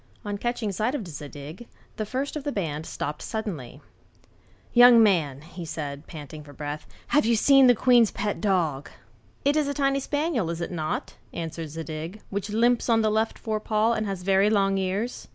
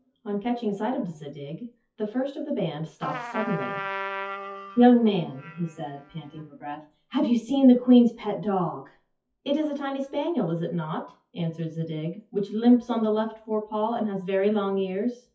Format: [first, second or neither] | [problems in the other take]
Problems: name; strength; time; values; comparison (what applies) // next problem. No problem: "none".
first | noise reduction (classical method WPE with log-MMSE)